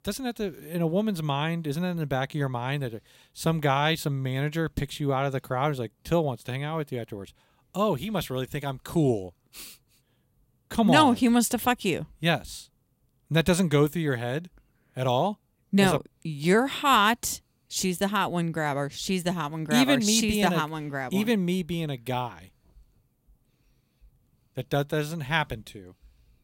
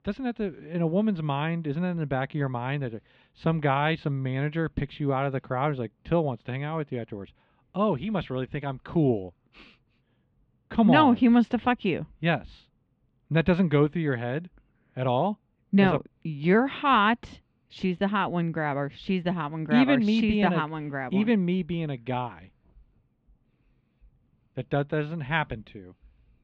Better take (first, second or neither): first